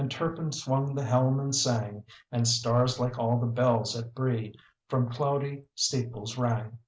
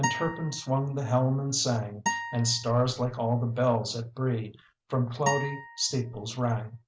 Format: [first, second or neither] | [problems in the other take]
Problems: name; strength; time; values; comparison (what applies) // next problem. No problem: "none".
first | background sound (Acoustic guitar); 8 dB below the speech